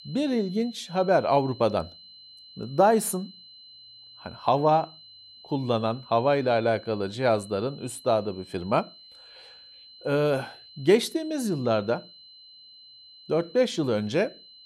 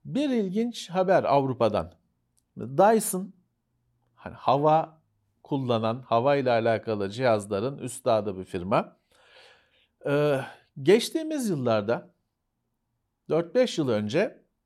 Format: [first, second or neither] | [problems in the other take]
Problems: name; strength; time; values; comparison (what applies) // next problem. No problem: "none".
second | high-pitched whine; faint; throughout; 4 kHz, 20 dB below the speech